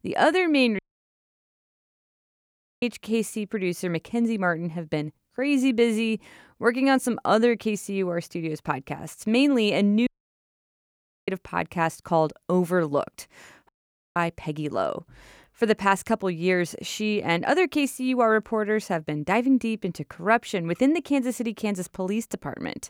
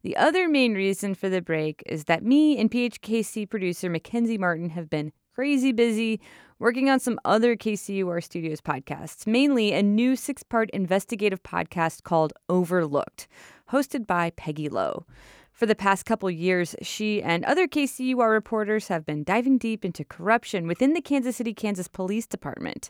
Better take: second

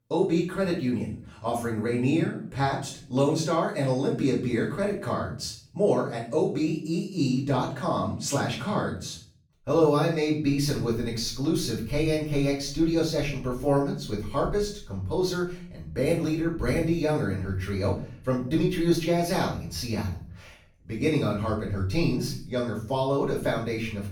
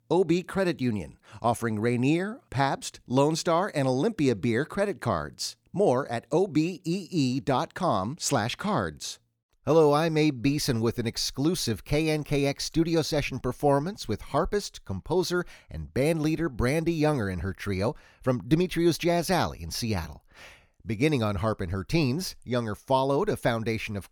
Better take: second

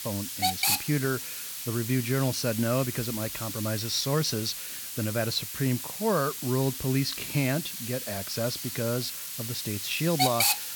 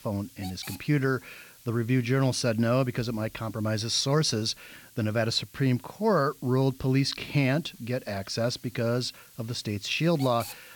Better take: second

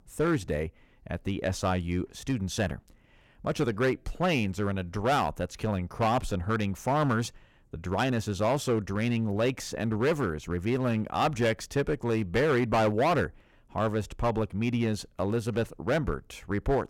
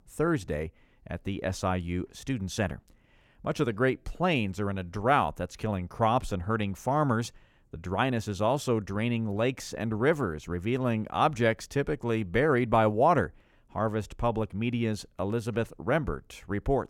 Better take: second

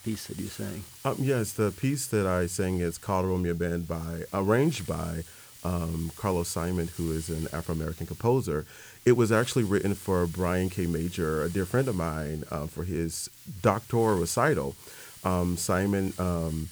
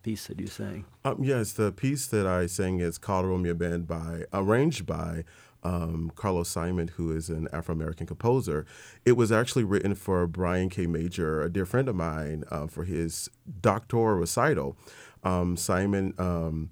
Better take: second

